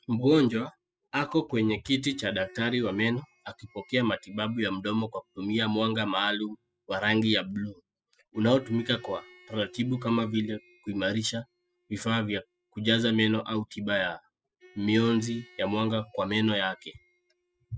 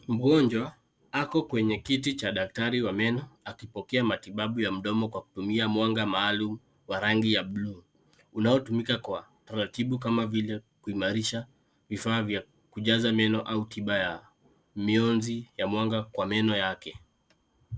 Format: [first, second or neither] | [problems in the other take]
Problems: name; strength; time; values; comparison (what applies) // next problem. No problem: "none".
second | noise reduction (classical method spectral subtraction)